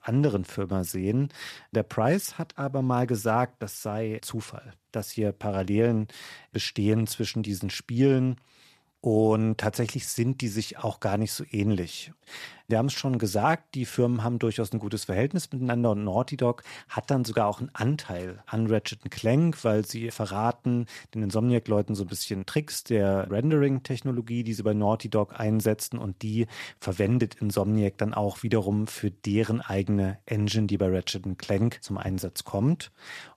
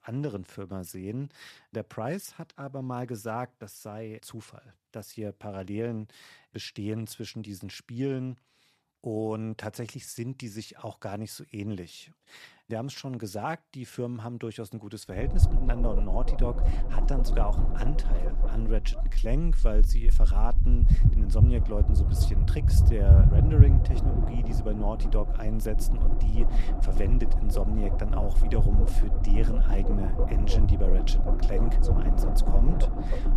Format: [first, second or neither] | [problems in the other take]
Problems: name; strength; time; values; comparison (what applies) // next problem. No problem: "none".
first | low rumble; loud; from 15 s on; 1 dB below the speech